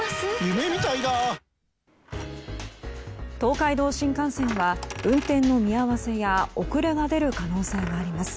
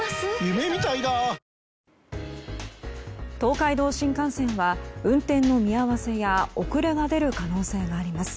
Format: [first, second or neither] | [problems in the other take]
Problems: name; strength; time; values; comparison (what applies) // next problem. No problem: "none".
second | background sound (Coin (dropping)); 17 dB below the speech